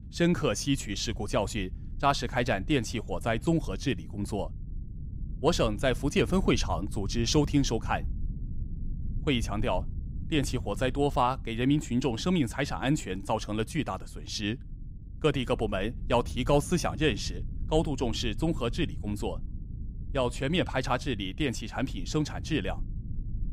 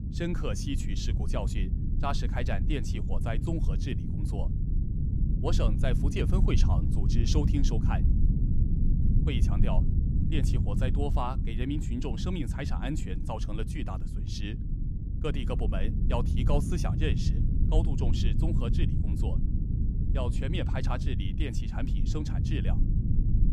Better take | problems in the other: first | low rumble; loud; throughout; 5 dB below the speech; faint in the first

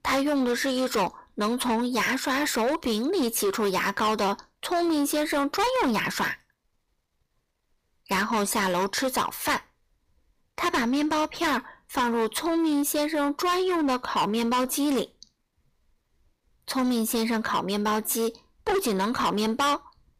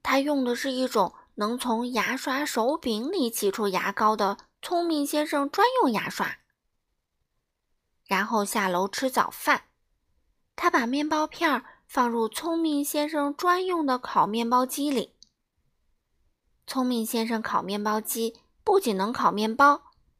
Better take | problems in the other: second | distortion; heavy; 17% of the sound clipped

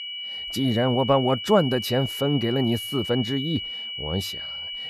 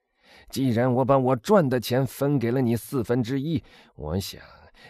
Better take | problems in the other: second | high-pitched whine; loud; throughout; 3 kHz, 6 dB below the speech

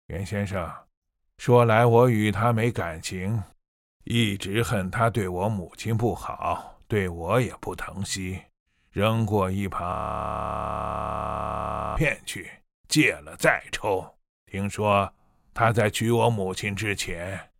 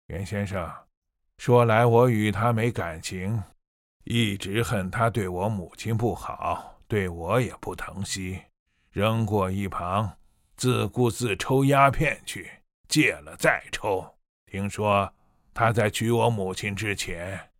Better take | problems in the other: second | audio freezing; at 10 s for 2 s

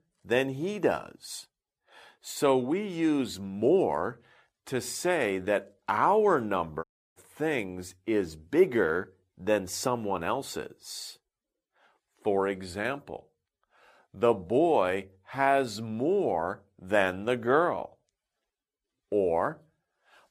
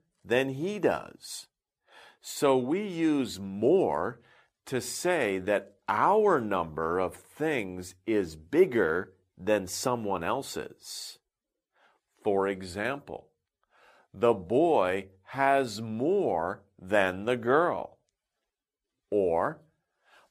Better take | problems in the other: second | audio cutting out; at 7 s

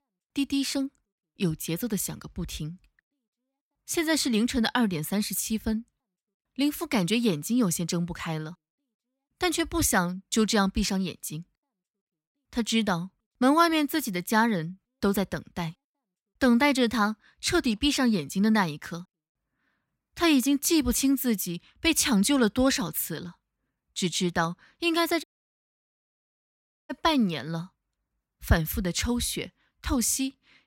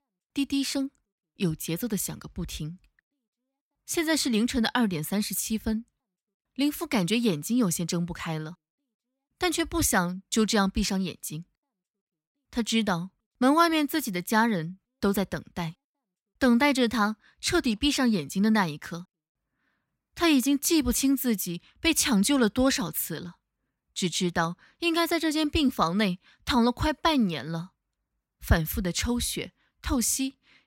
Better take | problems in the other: second | audio cutting out; at 25 s for 1.5 s

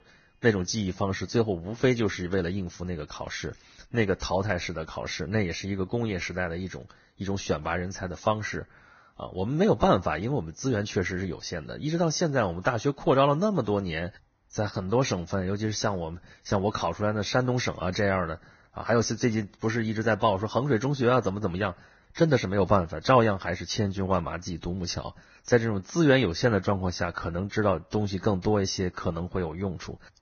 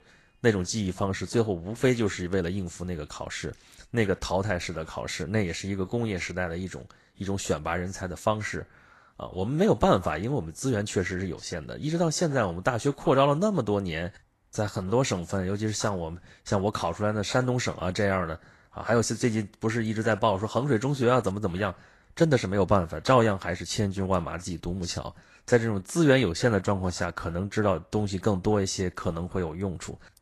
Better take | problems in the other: second | garbled, watery; badly; nothing above 6.5 kHz; slightly in the second

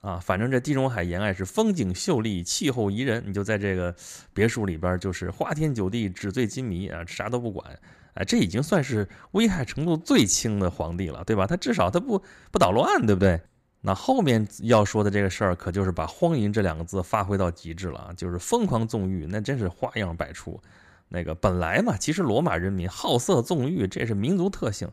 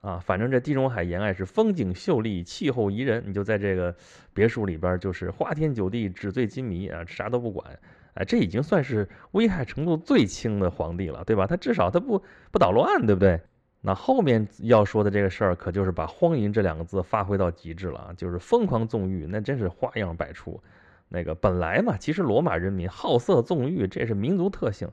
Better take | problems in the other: first | muffled; slightly; fading above 3 kHz

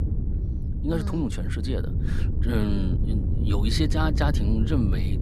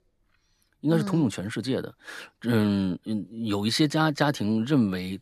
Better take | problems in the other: second | wind noise on the microphone; heavy; 8 dB below the speech

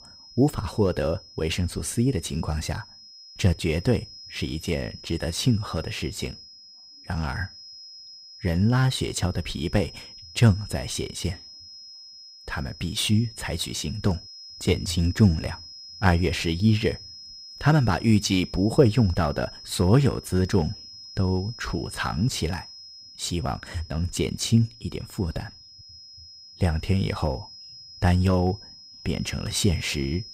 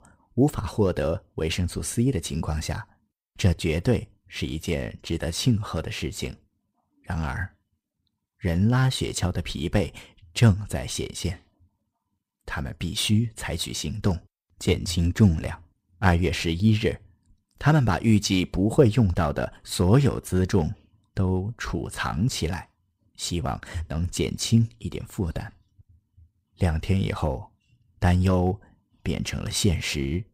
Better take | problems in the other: second | high-pitched whine; noticeable; throughout; 5 kHz, 15 dB below the speech

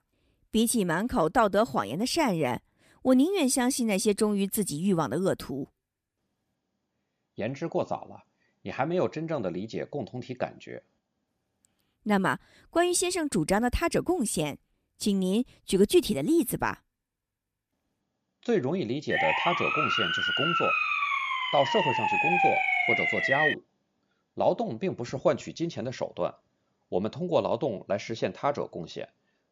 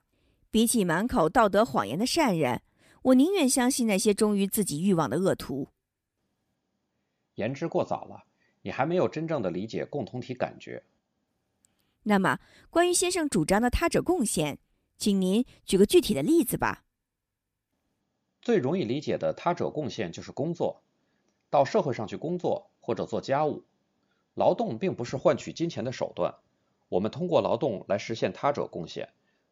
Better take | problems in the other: second | siren; loud; from 19 to 24 s; peak 6 dB above the speech

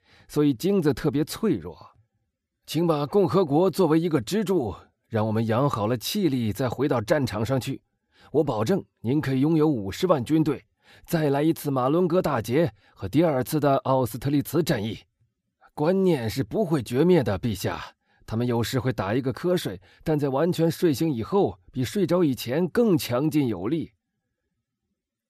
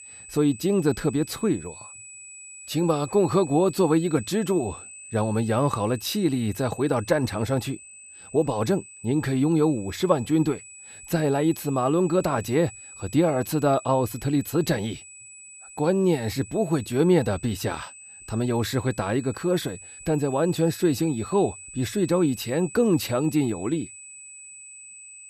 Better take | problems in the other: first | high-pitched whine; noticeable; throughout; 8 kHz, 15 dB below the speech

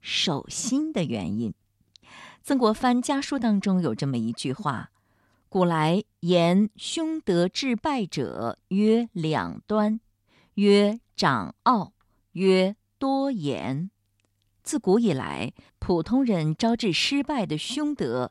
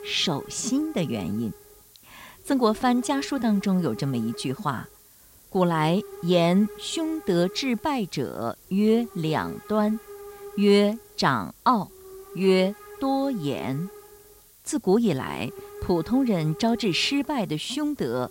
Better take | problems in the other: first | hiss; noticeable; throughout; 20 dB below the speech

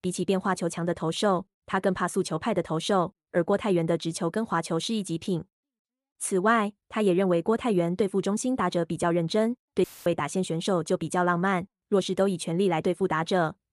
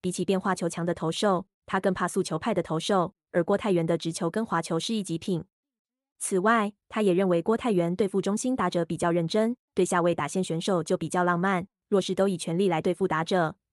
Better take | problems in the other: second | audio cutting out; filled with static; at 10 s

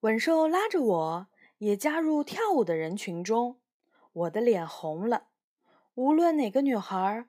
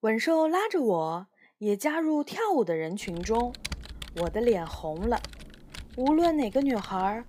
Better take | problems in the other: first | keyboard typing; noticeable; from 3 s on; peak 9 dB below the speech

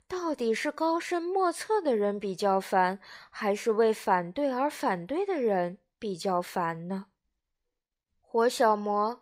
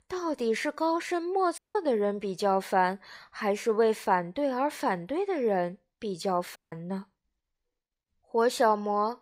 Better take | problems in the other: first | audio cutting out; at 1.5 s and at 6.5 s

